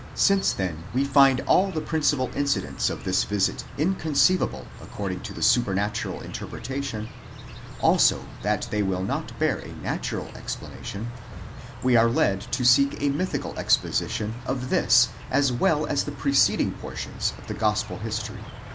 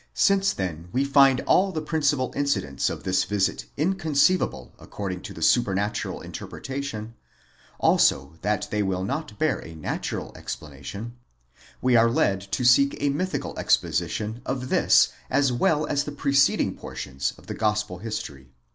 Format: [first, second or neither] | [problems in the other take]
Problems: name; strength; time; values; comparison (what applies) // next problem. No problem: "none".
second | background sound (Insect); 13 dB below the speech